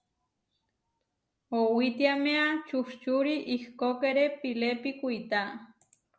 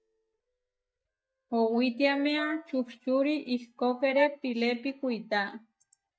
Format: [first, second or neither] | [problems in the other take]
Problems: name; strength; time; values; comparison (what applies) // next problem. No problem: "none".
first | noise reduction (neural mask model DeepFilterNet 3)